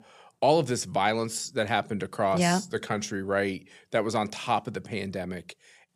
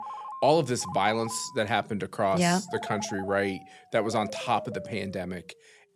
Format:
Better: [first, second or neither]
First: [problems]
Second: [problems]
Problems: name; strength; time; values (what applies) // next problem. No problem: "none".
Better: first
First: none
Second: phone ringing; faint; until 5.5 s; peak 10 dB below the speech